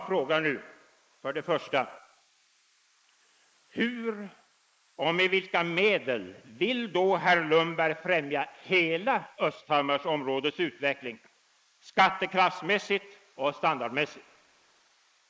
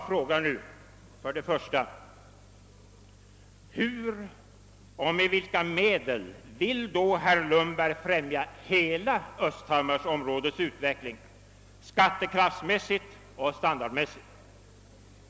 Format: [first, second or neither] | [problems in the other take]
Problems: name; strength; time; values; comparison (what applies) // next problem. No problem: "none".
second | noise reduction (neural mask model Resemble Enhance denoiser)